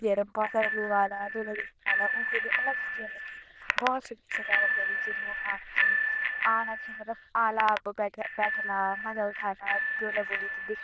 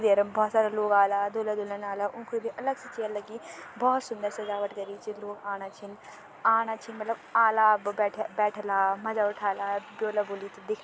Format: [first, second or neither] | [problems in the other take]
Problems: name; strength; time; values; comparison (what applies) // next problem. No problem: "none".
second | noise reduction (neural diffusion model UNIVERSE++)